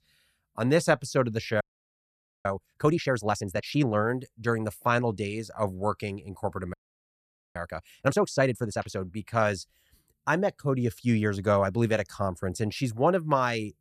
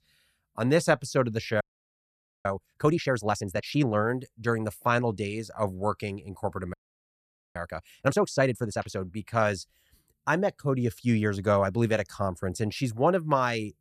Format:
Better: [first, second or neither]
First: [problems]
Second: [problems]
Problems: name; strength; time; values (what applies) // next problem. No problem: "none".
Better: neither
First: audio freezing; at 1.5 s for 1 s and at 6.5 s for 1 s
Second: audio freezing; at 1.5 s for 1 s and at 6.5 s for 1 s